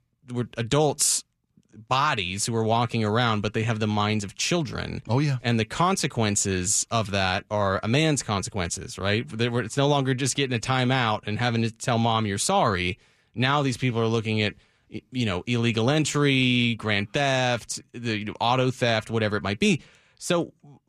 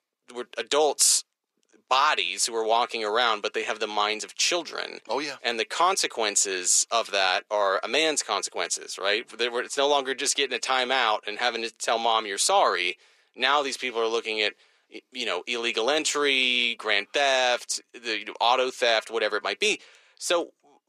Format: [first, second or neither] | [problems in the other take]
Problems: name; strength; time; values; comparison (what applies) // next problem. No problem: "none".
first | thin; very; fading below 400 Hz